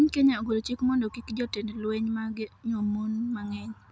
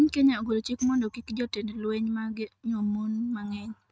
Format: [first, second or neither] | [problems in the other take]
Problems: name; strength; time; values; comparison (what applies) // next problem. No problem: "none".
first | noise reduction (neural mask model RNNoise)